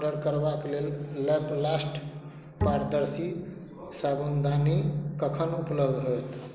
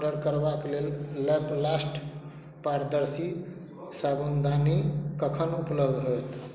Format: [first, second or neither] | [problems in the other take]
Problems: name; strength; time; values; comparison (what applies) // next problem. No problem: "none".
second | background sound (Bowed string instrument); 6 dB below the speech